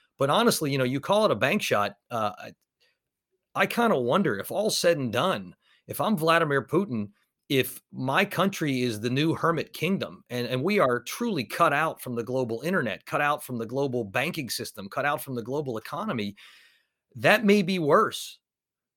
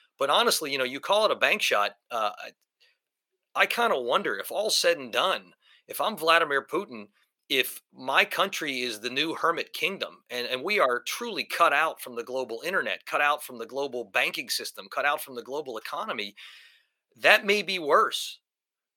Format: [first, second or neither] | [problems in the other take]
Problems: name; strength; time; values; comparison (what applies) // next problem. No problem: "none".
first | thin; somewhat; fading below 450 Hz